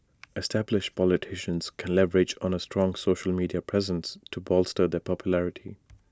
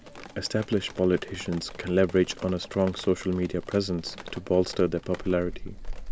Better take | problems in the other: first | background sound (Drip); 12 dB below the speech

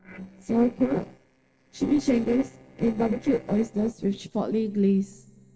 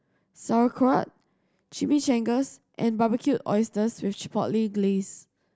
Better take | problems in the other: second | noise reduction (neural separator model SepFormer DNS4)

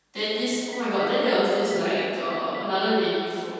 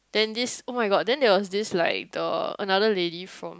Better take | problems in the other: second | background sound (Telephone); 19 dB below the speech // room echo; dies away in 2.1 s

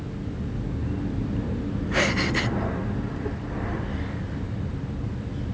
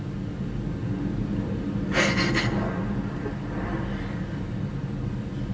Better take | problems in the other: first | room echo; dies away in 0.9 s

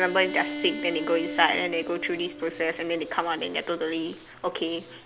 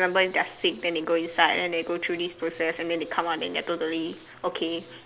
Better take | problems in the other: second | background sound (Bowed string instrument); 11 dB below the speech

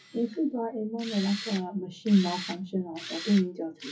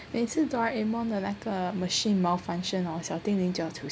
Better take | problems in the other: second | noise reduction (classical method WPE with log-MMSE)

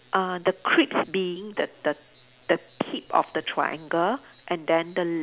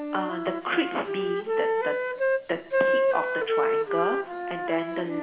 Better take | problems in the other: first | background sound (Wind instrument, woodwind instrument); 4 dB above the speech // room echo; dies away in 2.1 s

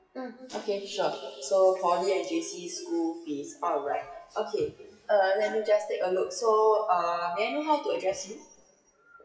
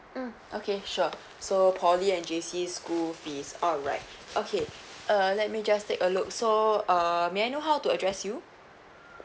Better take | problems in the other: second | noise reduction (classical method WPE with log-MMSE)

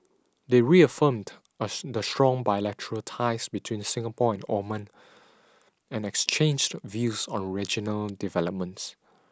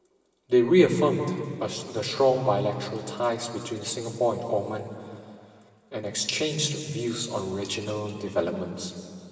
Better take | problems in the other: first | room echo; dies away in 2.6 s

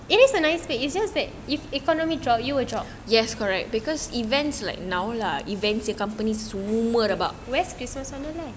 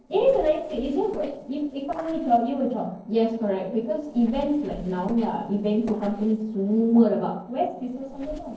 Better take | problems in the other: first | noise reduction (neural separator model SepFormer DNS4)

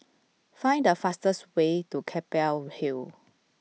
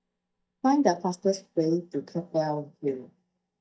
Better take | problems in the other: first | noise reduction (neural mask model DeepFilterNet 3)

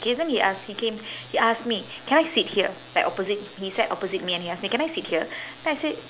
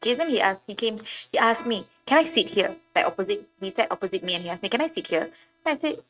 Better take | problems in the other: first | noise reduction (neural mask model RNNoise)

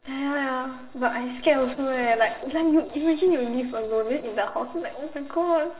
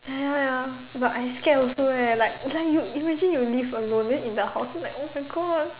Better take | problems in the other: second | noise reduction (neural separator model SepFormer DNS4)

